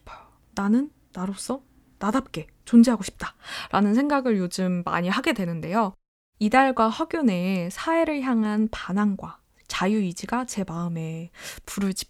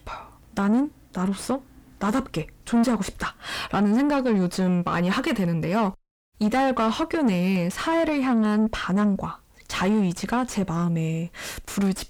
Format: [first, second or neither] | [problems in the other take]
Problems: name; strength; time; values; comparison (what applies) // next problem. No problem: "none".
first | distortion; heavy; 6 dB below the speech